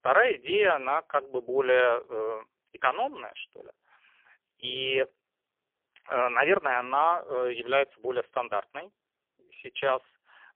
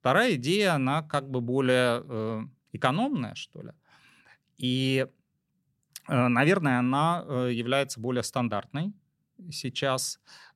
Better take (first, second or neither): second